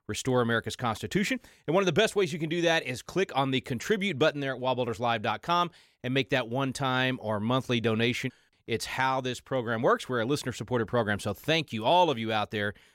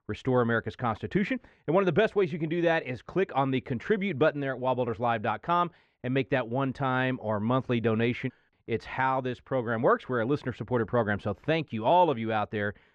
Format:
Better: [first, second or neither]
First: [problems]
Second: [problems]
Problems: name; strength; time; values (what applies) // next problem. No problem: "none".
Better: first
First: none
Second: muffled; very; fading above 2 kHz